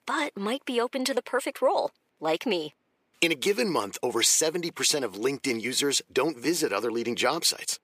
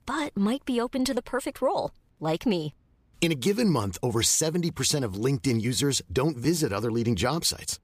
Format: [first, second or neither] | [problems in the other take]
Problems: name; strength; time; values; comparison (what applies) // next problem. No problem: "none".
second | thin; somewhat; fading below 400 Hz